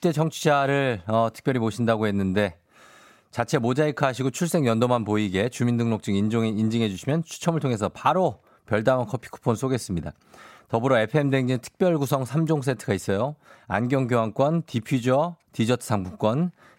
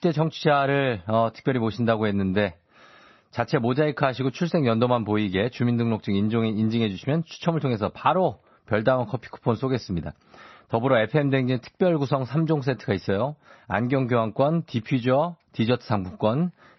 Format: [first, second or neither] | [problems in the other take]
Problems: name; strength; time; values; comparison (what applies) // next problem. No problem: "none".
first | garbled, watery; slightly; nothing above 6 kHz